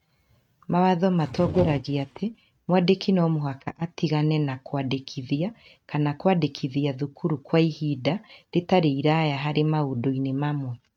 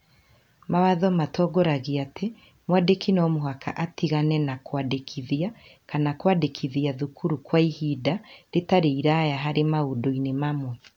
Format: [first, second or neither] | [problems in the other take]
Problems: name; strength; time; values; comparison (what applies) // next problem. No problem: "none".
second | noise reduction (neural mask model RNNoise)